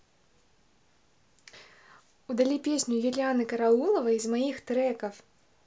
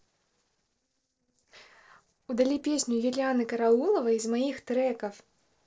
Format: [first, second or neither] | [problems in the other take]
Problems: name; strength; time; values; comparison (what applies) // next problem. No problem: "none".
first | noise reduction (neural separator model SepFormer DNS4)